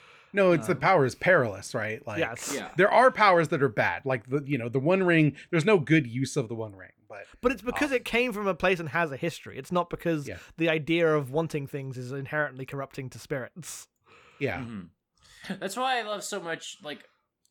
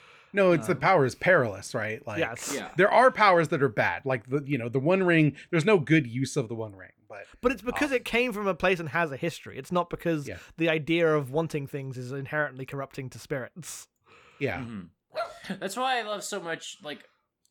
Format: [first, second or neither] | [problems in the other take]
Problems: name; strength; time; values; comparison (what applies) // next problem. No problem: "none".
first | dog barking; noticeable; at 15 s; peak 10 dB below the speech